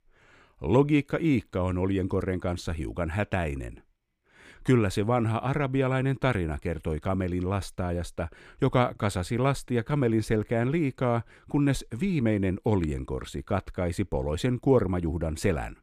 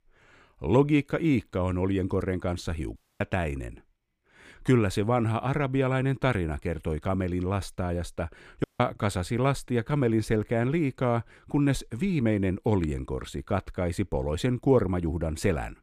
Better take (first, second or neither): first